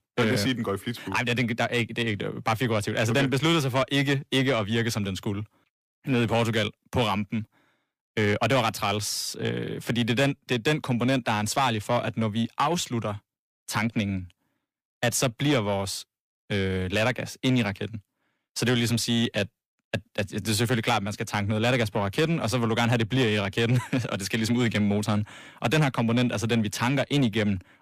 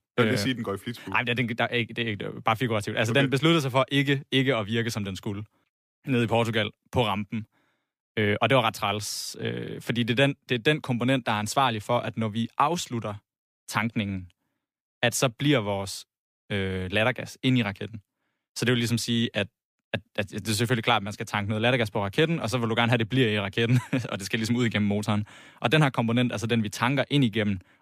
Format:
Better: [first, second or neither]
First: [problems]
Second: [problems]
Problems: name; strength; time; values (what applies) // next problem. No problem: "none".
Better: second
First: distortion; slight; 10 dB below the speech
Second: none